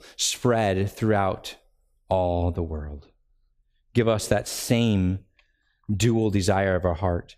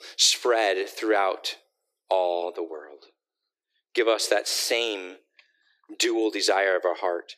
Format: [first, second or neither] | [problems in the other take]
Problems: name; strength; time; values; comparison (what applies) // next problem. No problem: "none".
first | thin; very; fading below 300 Hz